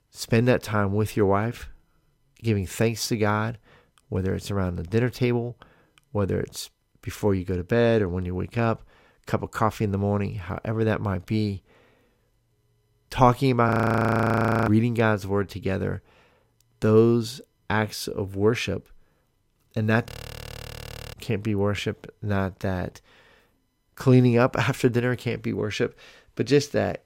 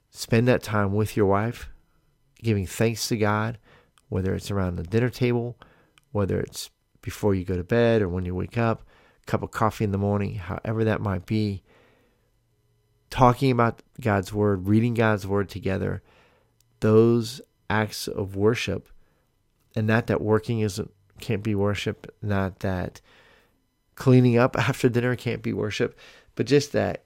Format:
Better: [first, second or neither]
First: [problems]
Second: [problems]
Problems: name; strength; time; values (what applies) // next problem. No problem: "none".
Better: second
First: audio freezing; at 14 s for 1 s and at 20 s for 1 s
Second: none